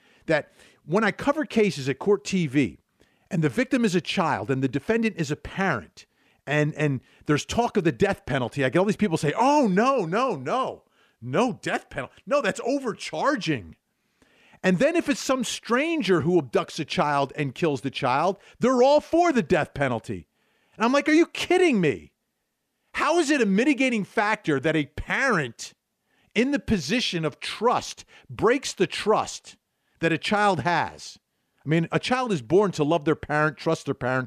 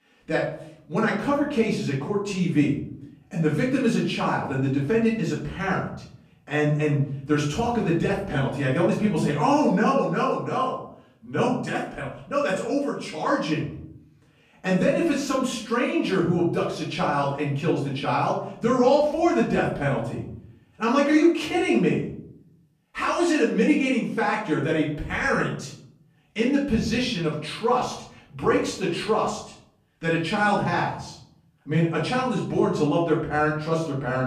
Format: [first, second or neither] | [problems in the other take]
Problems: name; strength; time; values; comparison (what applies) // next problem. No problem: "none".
first | off-mic speech; far // room echo; noticeable; dies away in 0.6 s